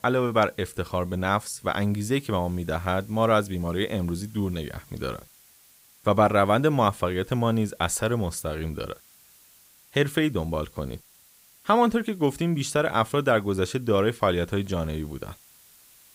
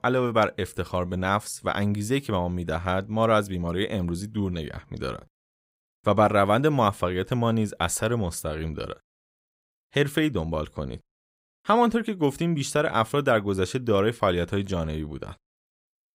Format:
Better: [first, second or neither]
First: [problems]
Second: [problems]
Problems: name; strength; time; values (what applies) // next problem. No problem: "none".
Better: second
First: hiss; faint; throughout; 25 dB below the speech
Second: none